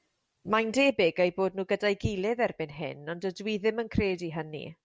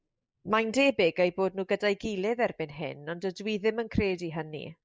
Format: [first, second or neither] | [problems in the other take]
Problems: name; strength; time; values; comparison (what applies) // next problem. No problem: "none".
first | noise reduction (neural mask model Resemble Enhance denoiser)